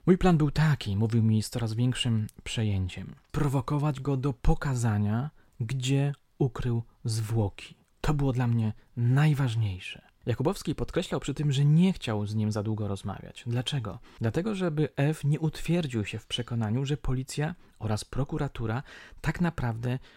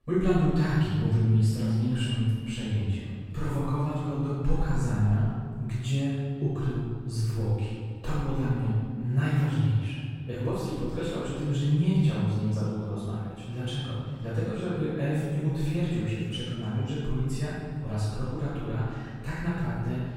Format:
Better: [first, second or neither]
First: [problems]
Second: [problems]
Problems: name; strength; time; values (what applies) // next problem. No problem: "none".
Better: first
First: none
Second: room echo; strong; dies away in 1.9 s // off-mic speech; far